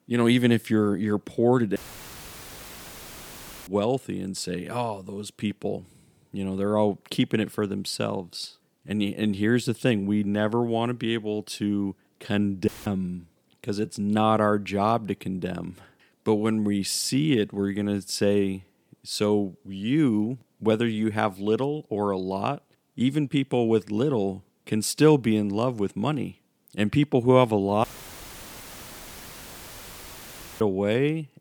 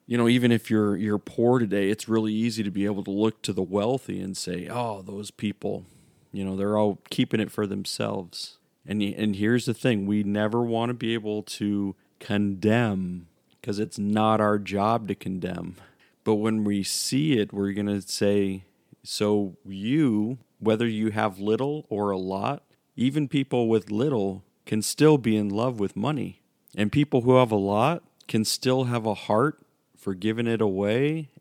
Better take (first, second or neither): second